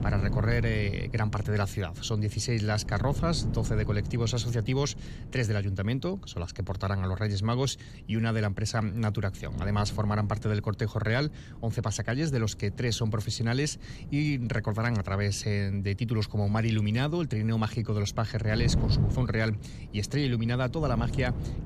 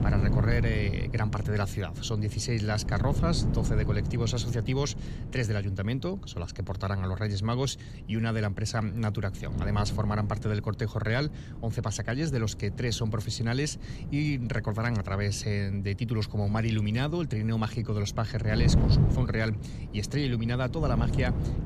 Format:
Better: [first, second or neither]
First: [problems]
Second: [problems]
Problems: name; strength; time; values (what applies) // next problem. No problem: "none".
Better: first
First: wind noise on the microphone; occasional gusts; 15 dB below the speech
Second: wind noise on the microphone; heavy; 10 dB below the speech